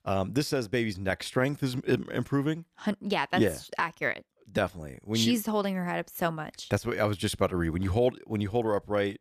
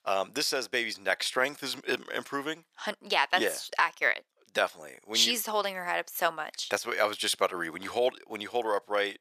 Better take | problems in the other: first | thin; very; fading below 600 Hz

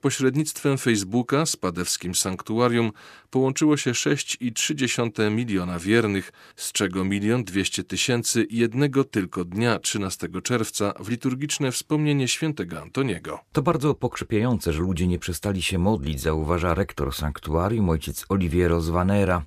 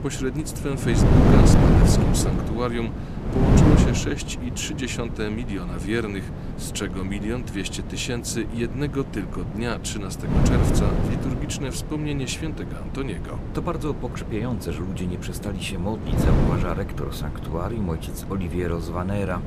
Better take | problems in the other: first | wind noise on the microphone; heavy; as loud as the speech

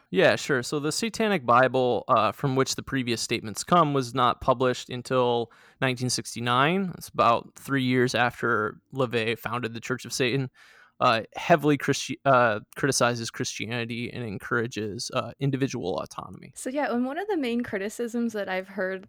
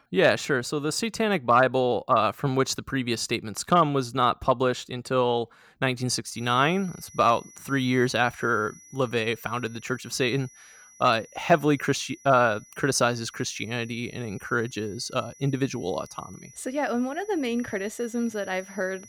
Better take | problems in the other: first | high-pitched whine; faint; from 6.5 s on; 6 kHz, 25 dB below the speech

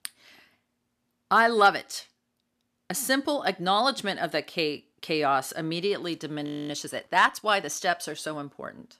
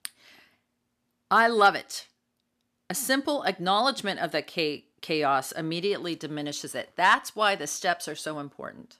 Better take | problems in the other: second | audio freezing; at 6.5 s

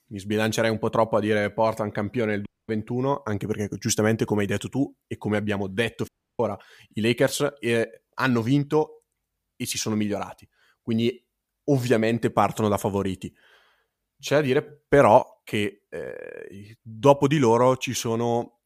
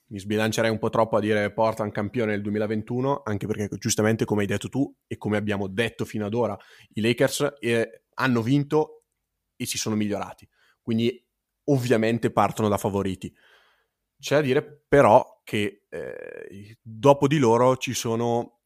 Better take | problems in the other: second | audio cutting out; at 2.5 s and at 6 s

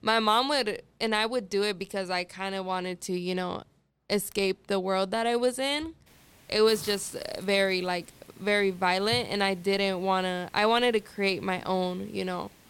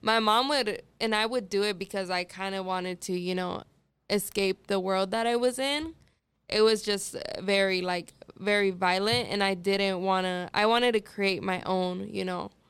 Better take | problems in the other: second | hiss; faint; from 6 s on; 25 dB below the speech

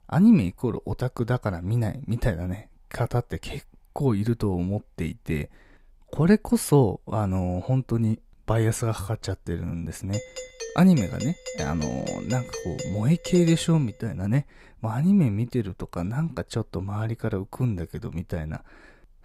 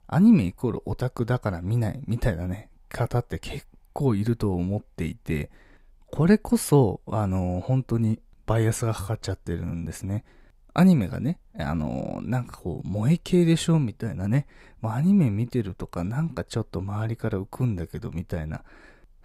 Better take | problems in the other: second | doorbell; noticeable; from 10 to 14 s; peak 9 dB below the speech

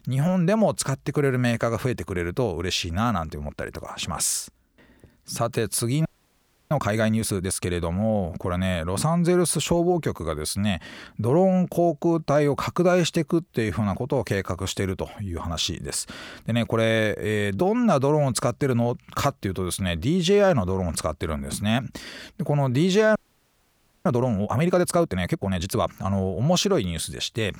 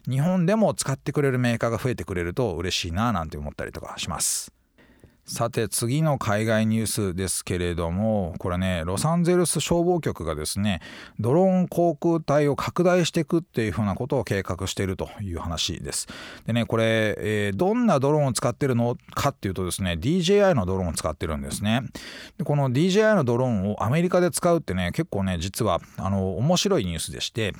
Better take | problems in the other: second | audio freezing; at 6 s for 0.5 s and at 23 s for 1 s

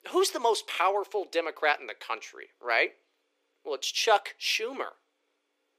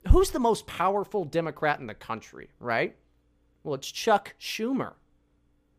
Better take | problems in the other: second | thin; very; fading below 350 Hz

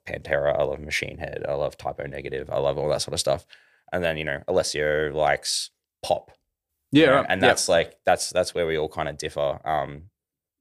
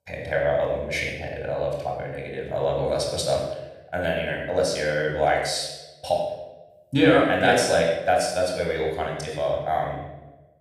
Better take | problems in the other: first | off-mic speech; somewhat distant // room echo; noticeable; dies away in 0.8 s

